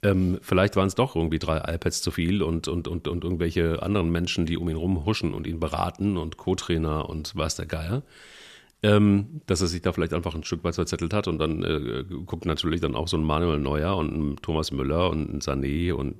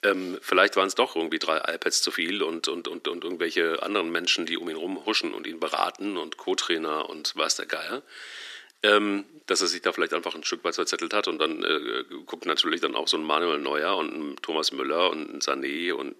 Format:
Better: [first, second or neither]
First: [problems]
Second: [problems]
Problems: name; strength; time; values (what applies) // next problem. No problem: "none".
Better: first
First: none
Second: thin; very; fading below 300 Hz